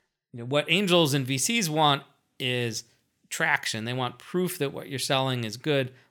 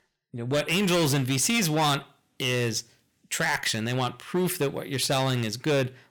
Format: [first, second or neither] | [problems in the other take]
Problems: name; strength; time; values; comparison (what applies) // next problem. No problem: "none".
first | distortion; heavy; 11% of the sound clipped